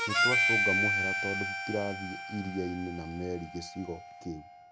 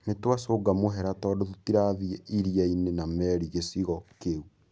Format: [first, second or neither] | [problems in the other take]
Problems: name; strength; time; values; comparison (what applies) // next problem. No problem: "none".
second | background sound (Harmonica); 5 dB above the speech